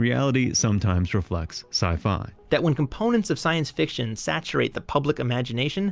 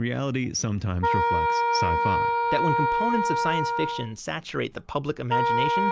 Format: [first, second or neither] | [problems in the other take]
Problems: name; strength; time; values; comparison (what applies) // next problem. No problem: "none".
first | background sound (Wind instrument, woodwind instrument); 3 dB above the speech